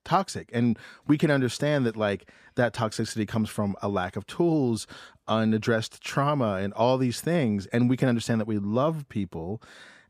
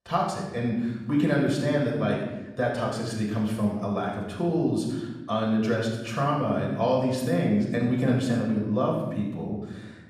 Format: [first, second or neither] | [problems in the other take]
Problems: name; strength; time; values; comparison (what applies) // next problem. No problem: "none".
first | off-mic speech; far // room echo; noticeable; dies away in 1 s